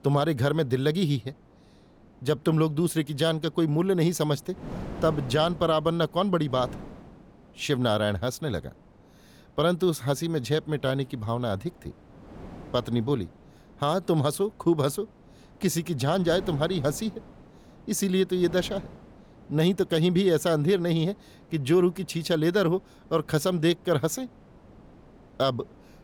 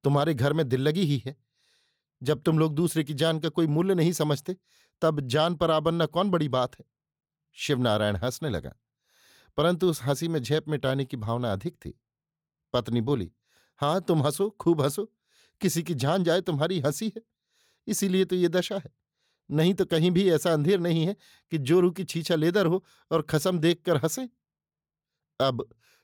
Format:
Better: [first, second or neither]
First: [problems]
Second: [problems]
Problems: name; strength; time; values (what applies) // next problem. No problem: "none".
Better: second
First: wind noise on the microphone; occasional gusts; 25 dB below the speech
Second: none